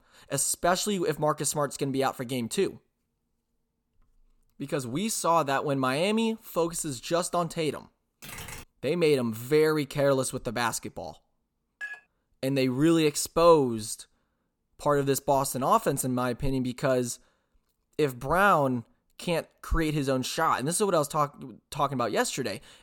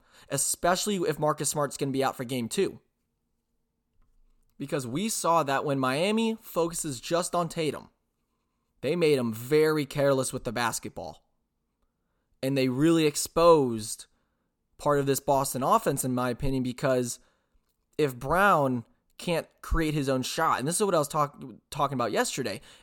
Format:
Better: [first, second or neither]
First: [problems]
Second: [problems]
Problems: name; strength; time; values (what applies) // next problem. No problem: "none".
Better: second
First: keyboard typing; faint; at 8 s; peak 15 dB below the speech // clattering dishes; faint; at 12 s; peak 10 dB below the speech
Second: none